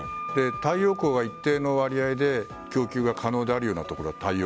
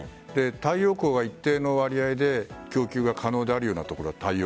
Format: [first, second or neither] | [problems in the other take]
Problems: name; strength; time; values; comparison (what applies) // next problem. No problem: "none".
second | background sound (Wind instrument, woodwind instrument); 13 dB below the speech